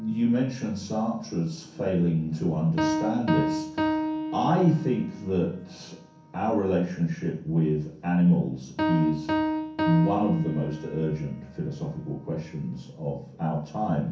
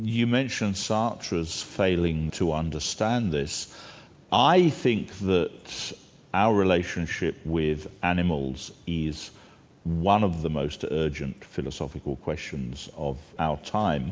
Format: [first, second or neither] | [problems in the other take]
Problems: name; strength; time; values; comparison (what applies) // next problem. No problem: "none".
second | background sound (Piano); 6 dB below the speech // room echo; dies away in 0.6 s